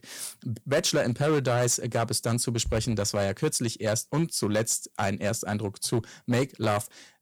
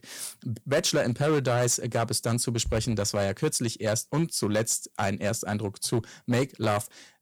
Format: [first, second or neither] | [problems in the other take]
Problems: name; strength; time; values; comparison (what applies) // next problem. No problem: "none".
neither | distortion; slight; 6% of the sound clipped; the same in both